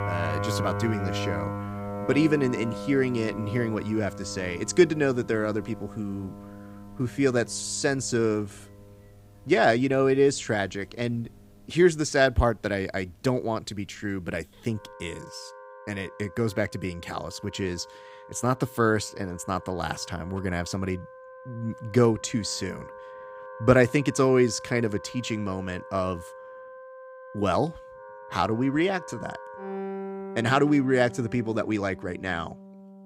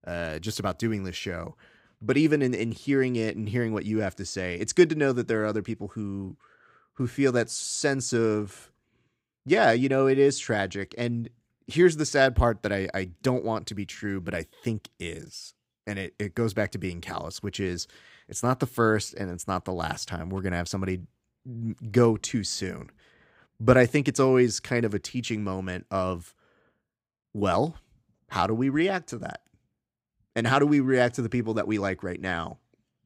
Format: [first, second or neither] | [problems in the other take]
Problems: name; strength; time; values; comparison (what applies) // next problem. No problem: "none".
second | background music; noticeable; throughout; 15 dB below the speech